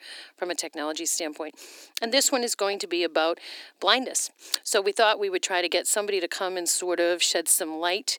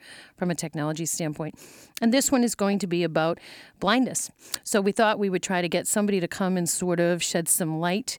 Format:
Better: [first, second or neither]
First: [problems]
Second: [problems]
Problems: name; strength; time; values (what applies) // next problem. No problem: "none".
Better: second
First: thin; somewhat; fading below 300 Hz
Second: none